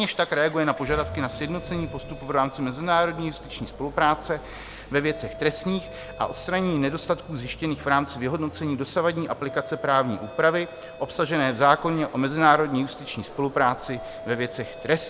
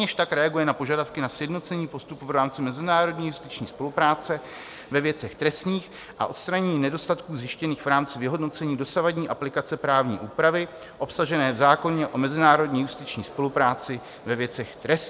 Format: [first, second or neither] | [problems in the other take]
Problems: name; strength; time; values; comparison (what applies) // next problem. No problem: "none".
second | background sound (Doorbell + Accelerating, revving, vroom); 16 dB below the speech